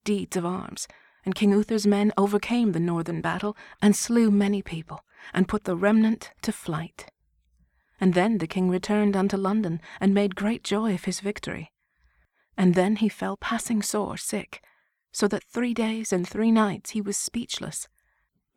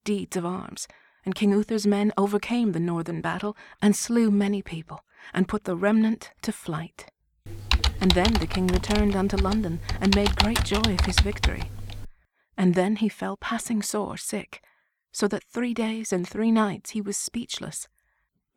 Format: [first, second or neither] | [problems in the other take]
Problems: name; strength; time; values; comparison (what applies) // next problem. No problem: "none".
first | keyboard typing; loud; from 7.5 to 12 s; peak 4 dB above the speech